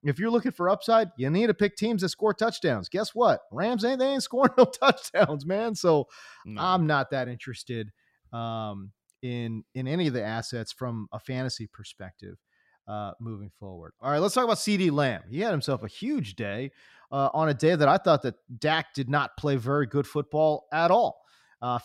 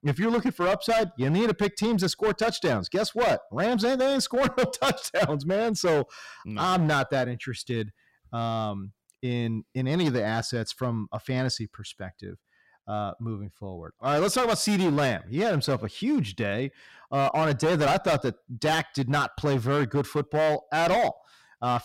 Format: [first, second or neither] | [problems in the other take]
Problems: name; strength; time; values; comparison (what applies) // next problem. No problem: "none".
first | distortion; heavy; 13% of the sound clipped